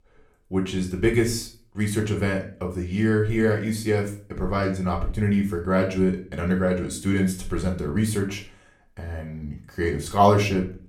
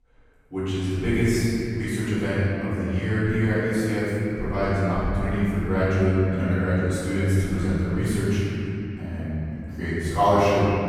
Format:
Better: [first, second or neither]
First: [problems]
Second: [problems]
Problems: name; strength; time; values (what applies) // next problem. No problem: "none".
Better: first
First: room echo; slight; dies away in 0.3 s // off-mic speech; somewhat distant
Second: room echo; strong; dies away in 3 s // off-mic speech; far